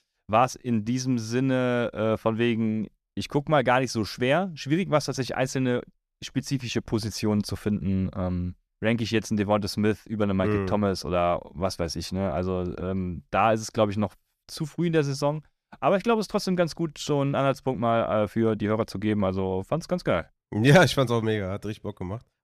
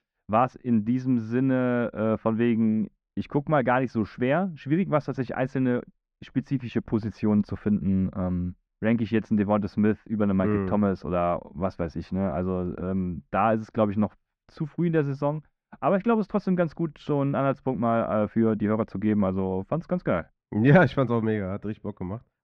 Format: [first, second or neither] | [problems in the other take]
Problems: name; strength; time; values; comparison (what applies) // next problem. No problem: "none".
first | muffled; very; fading above 1.5 kHz